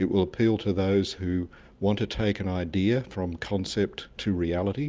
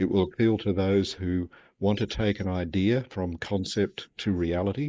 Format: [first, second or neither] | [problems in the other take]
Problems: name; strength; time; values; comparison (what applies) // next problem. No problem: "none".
first | noise reduction (neural mask model Resemble Enhance denoiser)